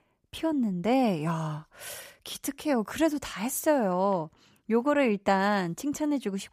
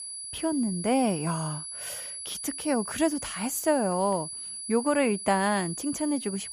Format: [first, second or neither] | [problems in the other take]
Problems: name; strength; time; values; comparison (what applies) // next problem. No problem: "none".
first | high-pitched whine; loud; throughout; 10 kHz, 7 dB below the speech